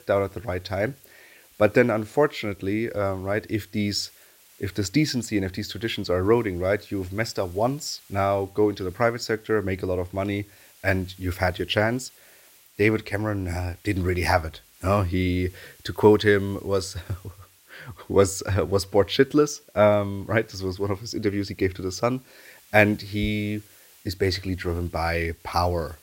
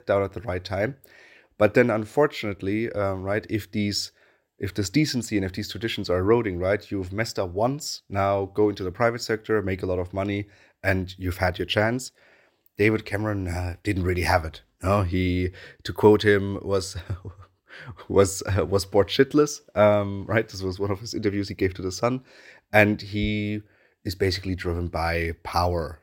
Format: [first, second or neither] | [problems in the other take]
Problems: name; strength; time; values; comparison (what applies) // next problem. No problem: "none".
second | hiss; faint; throughout; 25 dB below the speech